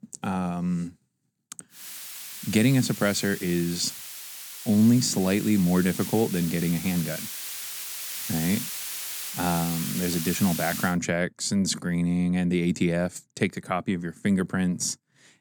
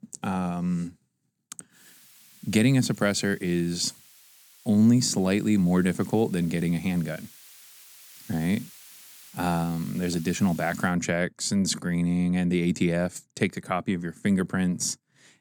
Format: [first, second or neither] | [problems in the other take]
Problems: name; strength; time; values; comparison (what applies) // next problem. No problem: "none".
second | hiss; loud; from 2 to 11 s; 8 dB below the speech; faint in the second